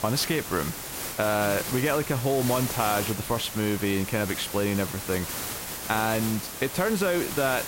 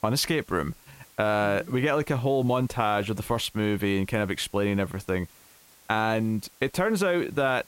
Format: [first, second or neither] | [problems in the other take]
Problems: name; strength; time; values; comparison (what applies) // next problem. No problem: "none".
second | hiss; loud; throughout; 6 dB below the speech; faint in the second